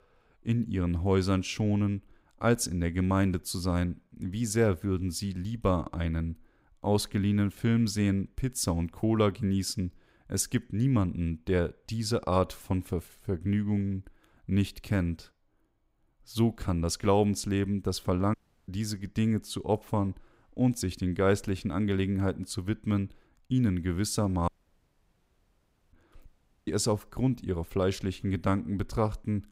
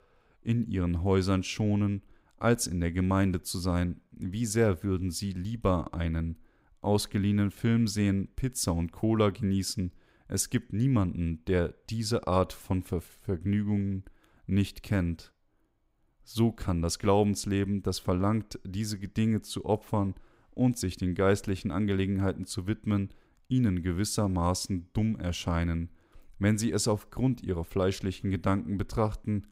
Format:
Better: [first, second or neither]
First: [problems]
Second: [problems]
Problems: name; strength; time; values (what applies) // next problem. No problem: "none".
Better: second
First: audio cutting out; at 18 s, at 24 s for 1.5 s and at 26 s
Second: none